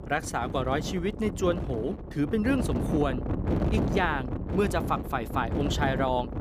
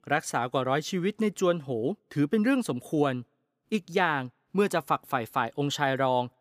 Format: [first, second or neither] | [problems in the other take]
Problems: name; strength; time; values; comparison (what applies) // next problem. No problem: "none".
second | wind noise on the microphone; heavy; 7 dB below the speech